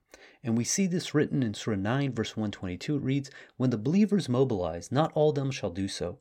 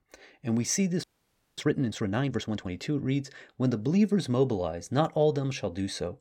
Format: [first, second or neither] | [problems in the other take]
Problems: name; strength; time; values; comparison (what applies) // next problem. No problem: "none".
first | audio freezing; at 1 s for 0.5 s